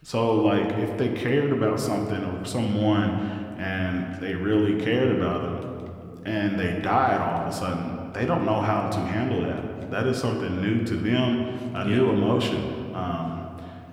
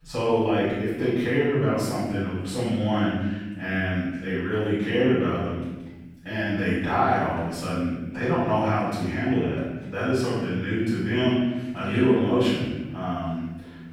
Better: first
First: room echo; slight; dies away in 1.8 s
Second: room echo; strong; dies away in 1.1 s // off-mic speech; far

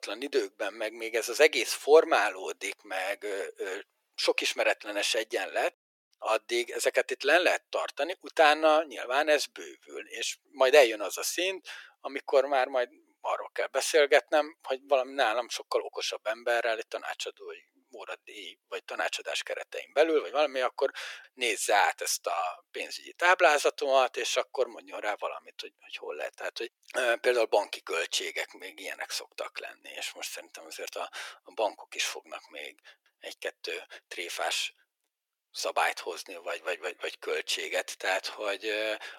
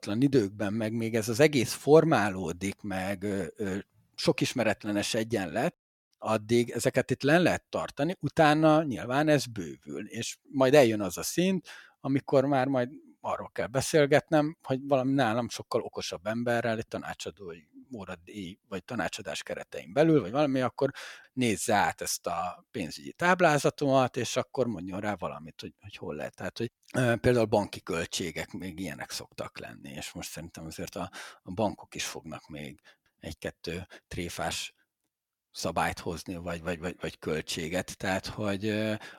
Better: second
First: thin; very; fading below 400 Hz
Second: none

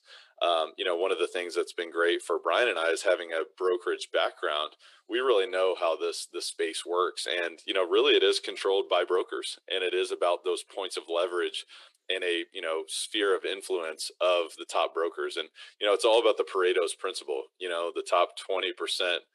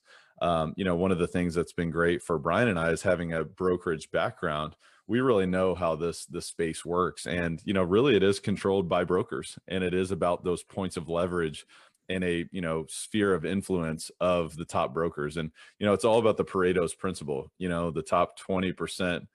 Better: second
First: thin; very; fading below 350 Hz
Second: none

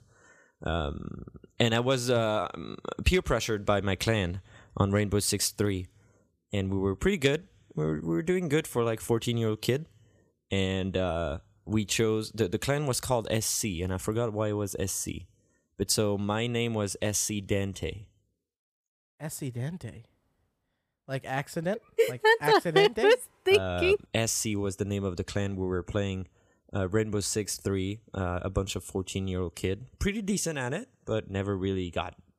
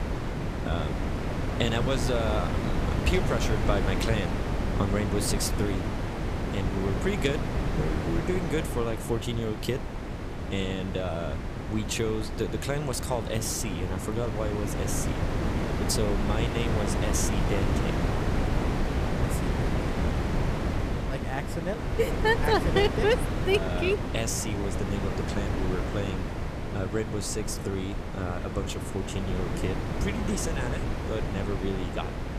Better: first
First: none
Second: wind noise on the microphone; heavy; 3 dB below the speech

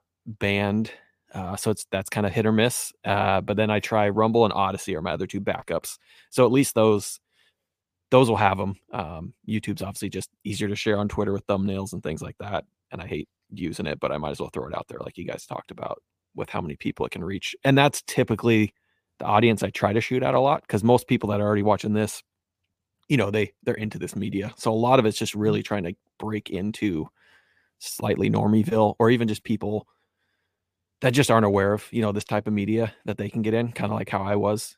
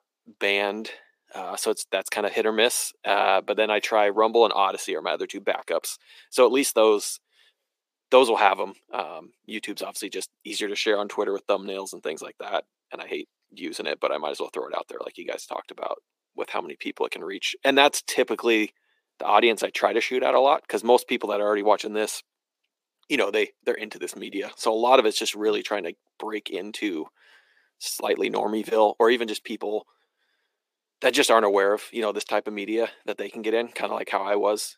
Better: first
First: none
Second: thin; somewhat; fading below 350 Hz

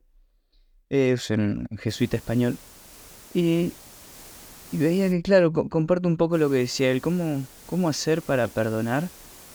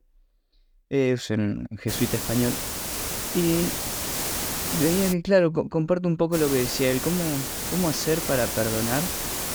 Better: first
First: hiss; faint; from 2 to 5 s and from 6.5 s on; 20 dB below the speech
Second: hiss; loud; from 2 to 5 s and from 6.5 s on; 2 dB below the speech

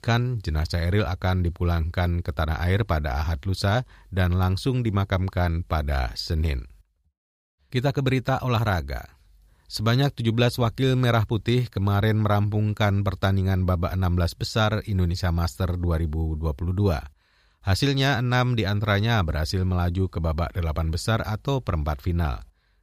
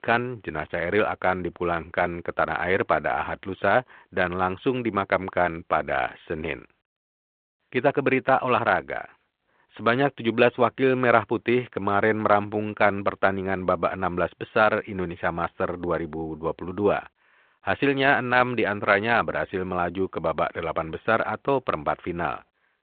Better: first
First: none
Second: phone-call audio; nothing above 4 kHz

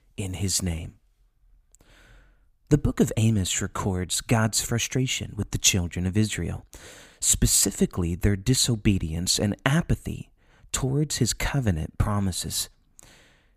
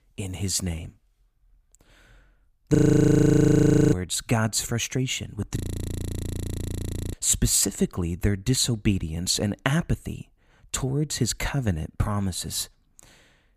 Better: first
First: none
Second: audio freezing; at 3 s for 1 s and at 5.5 s for 1.5 s

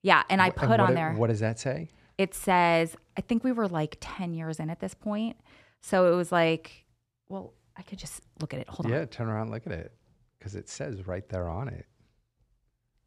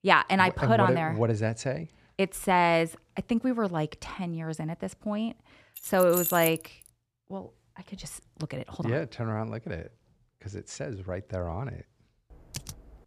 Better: first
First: none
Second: jangling keys; noticeable; at 6 s; peak level with the speech // keyboard typing; faint; at 12 s; peak 15 dB below the speech

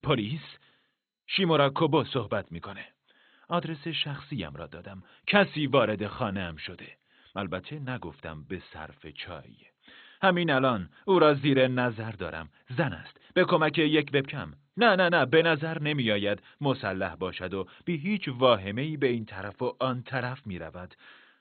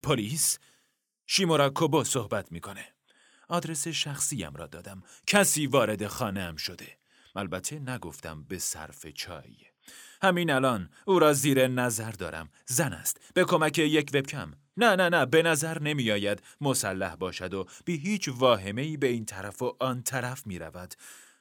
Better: second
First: garbled, watery; badly; nothing above 3.5 kHz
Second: none

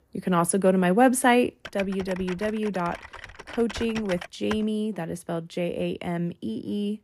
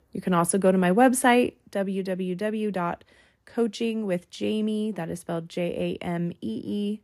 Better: second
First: keyboard typing; faint; from 1.5 to 4.5 s; peak 10 dB below the speech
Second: none

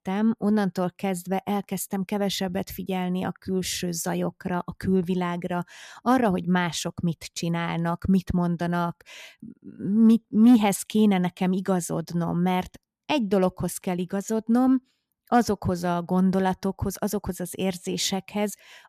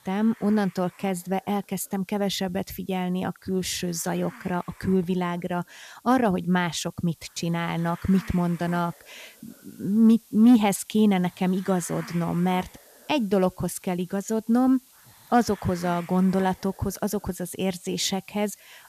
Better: first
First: none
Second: hiss; faint; throughout; 25 dB below the speech

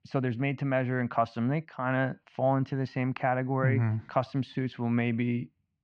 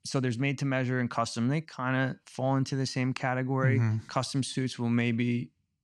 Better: second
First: muffled; very; fading above 2.5 kHz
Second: none

